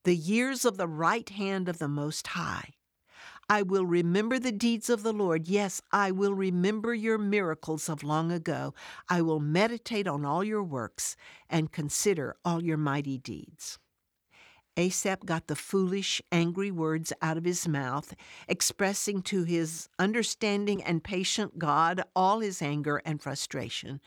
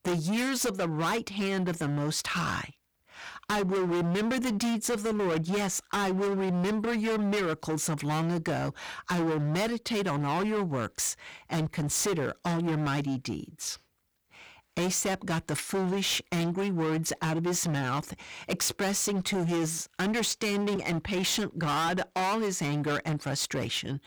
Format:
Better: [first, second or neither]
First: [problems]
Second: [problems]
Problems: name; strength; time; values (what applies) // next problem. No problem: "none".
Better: first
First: none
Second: distortion; heavy; 27% of the sound clipped